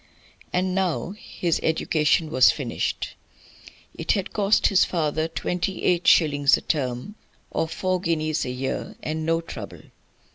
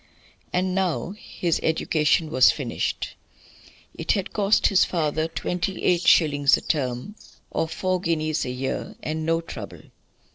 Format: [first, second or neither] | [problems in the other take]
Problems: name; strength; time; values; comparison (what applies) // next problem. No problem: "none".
first | noise reduction (neural separator model SepFormer DNS4)